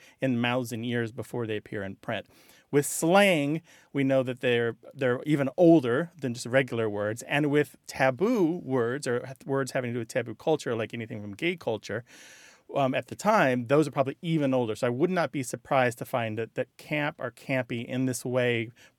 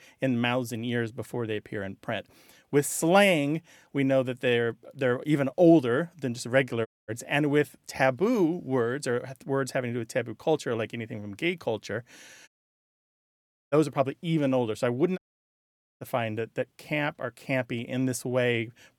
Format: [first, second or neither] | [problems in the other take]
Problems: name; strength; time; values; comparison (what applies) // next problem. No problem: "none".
first | audio cutting out; at 7 s, at 12 s for 1 s and at 15 s for 1 s